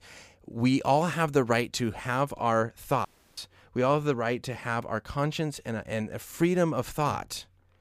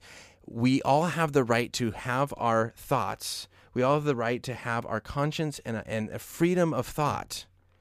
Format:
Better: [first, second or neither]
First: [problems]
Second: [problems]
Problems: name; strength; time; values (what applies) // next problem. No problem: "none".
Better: second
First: audio cutting out; at 3 s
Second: none